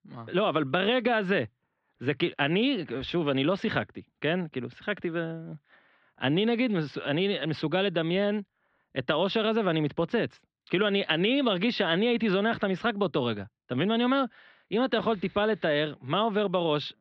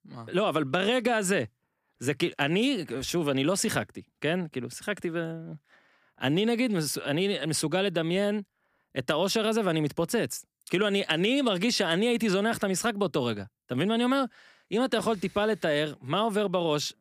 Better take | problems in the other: second | muffled; slightly; fading above 3.5 kHz

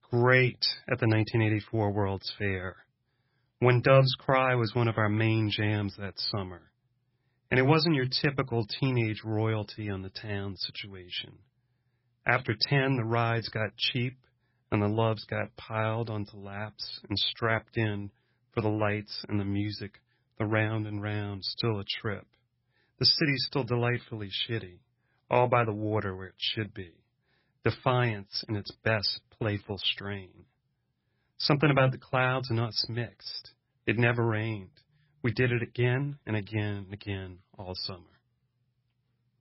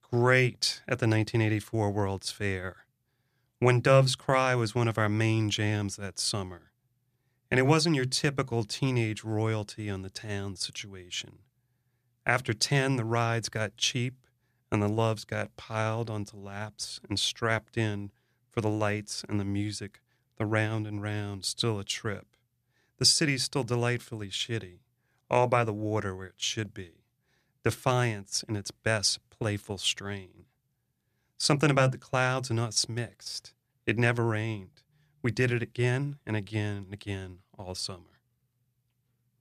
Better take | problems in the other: second | garbled, watery; badly; nothing above 5.5 kHz

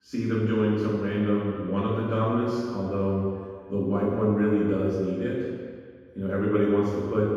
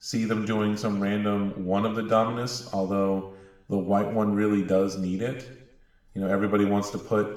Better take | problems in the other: second | room echo; strong; dies away in 1.8 s; slight in the second // off-mic speech; far; somewhat distant in the second

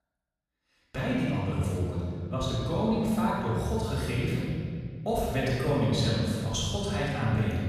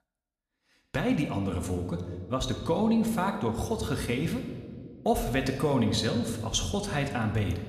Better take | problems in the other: second | room echo; strong; dies away in 2.4 s; slight in the second // off-mic speech; far

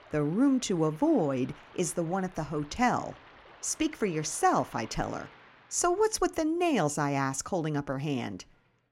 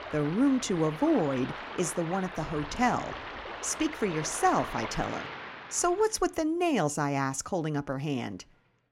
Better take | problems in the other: first | rain or running water; loud; until 6 s; 10 dB below the speech; faint in the first

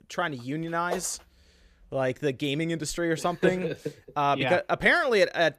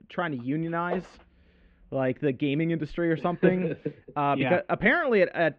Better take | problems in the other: first | muffled; very; fading above 3 kHz

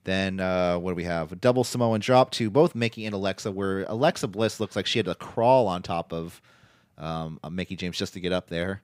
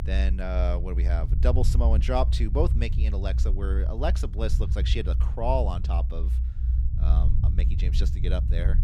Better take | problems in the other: first | low rumble; noticeable; throughout; 10 dB below the speech

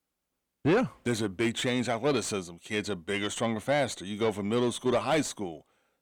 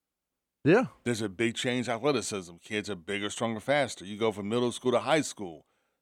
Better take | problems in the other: second | distortion; slight; 10 dB below the speech

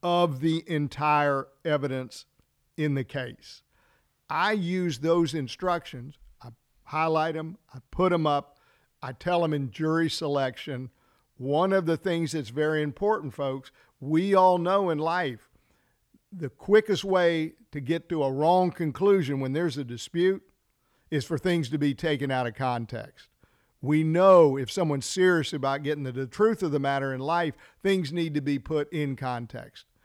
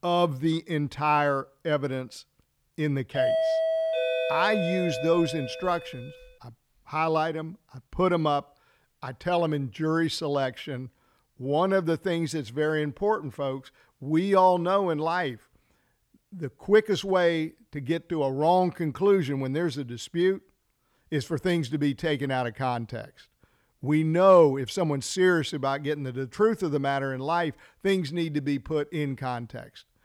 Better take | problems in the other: first | doorbell; loud; from 3 to 6 s; peak 2 dB above the speech

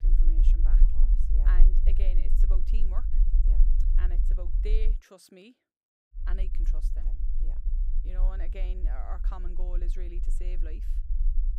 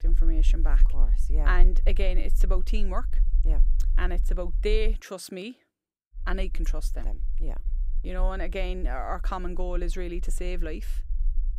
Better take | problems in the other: second | low rumble; loud; until 5 s and from 6 s on; 6 dB below the speech; faint in the second

